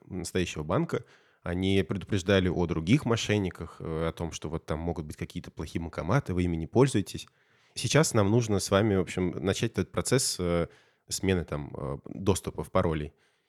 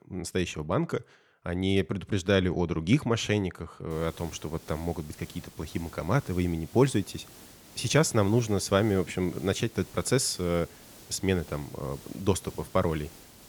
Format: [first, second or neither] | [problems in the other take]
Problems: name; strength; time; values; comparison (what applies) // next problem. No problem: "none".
first | hiss; faint; from 4 s on; 20 dB below the speech